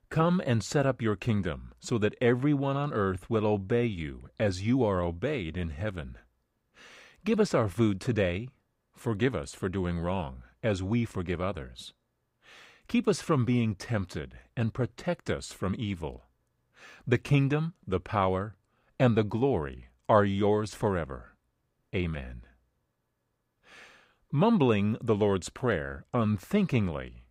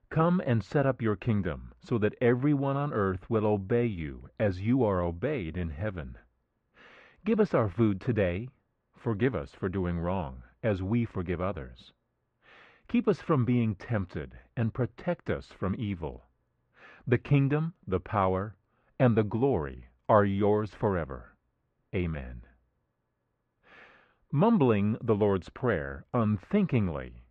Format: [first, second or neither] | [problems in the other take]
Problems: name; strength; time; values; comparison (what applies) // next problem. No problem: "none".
first | muffled; very; fading above 2.5 kHz